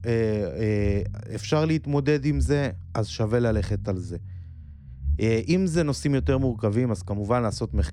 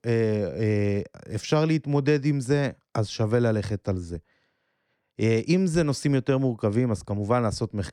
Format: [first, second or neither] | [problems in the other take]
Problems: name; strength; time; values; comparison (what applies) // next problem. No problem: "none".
second | low rumble; faint; throughout; 25 dB below the speech